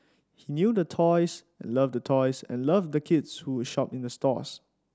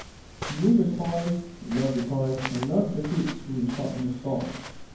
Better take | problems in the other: first | background sound (Walk, footsteps); 13 dB below the speech // room echo; dies away in 0.9 s

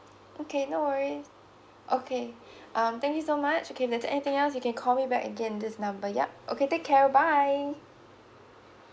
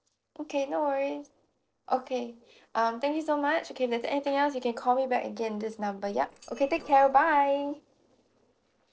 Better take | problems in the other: first | noise reduction (neural separator model SepFormer DNS4)

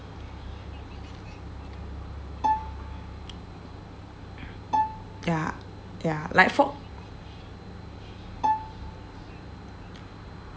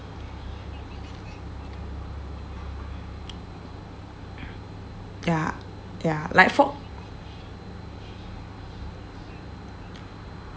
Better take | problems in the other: second | background sound (Bowed string instrument); as loud as the speech

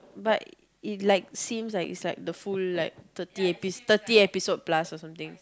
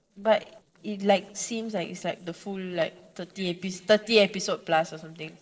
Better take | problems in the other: first | noise reduction (neural separator model SepFormer DNS4)

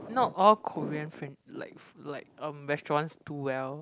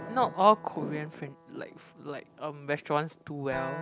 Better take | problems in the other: first | background sound (Acoustic guitar); 15 dB below the speech

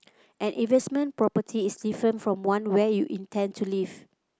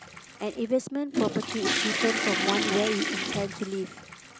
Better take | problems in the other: first | background sound (Toilet flush / Water); 1 dB below the speech

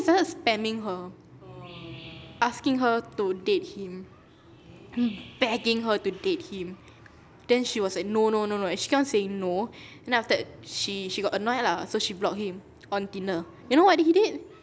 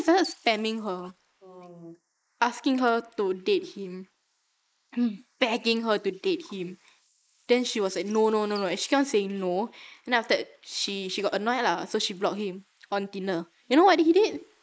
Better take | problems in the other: first | noise reduction (neural mask model Resemble Enhance denoiser)

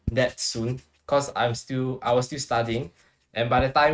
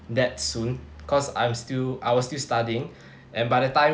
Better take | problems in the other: second | noise reduction (neural mask model RNNoise)

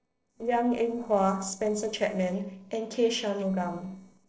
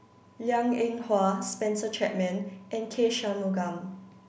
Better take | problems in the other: second | noise reduction (neural separator model SepFormer DNS4)

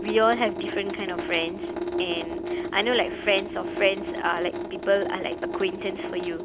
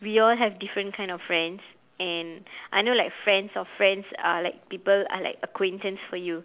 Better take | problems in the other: second | background sound (Drip / Sink (filling or washing) / Water tap, faucet); 4 dB below the speech

